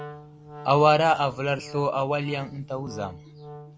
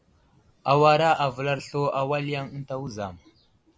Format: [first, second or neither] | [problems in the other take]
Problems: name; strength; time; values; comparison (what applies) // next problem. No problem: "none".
second | background sound (Wind instrument, woodwind instrument); 18 dB below the speech